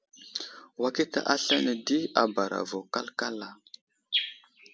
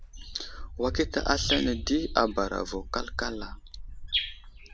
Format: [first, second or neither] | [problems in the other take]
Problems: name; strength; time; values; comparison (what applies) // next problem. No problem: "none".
first | background sound (Wind); 8 dB below the speech